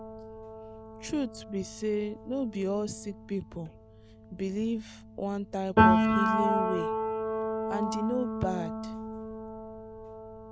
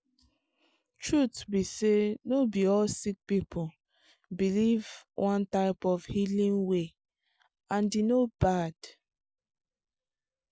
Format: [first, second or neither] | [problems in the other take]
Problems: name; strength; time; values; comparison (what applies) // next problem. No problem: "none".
second | background sound (Piano); 3 dB above the speech